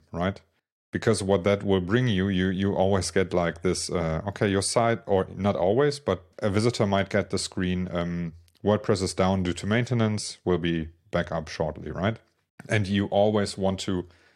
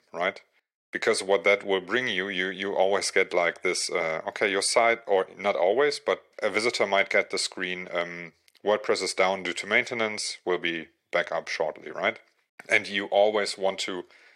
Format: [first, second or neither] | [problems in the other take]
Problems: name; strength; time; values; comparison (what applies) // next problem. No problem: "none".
first | thin; very; fading below 500 Hz